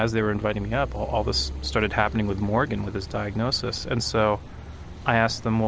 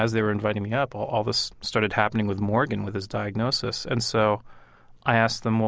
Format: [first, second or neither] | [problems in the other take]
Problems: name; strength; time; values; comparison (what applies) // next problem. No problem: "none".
second | background sound (Car passing by / Idling / Accelerating, revving, vroom); 11 dB below the speech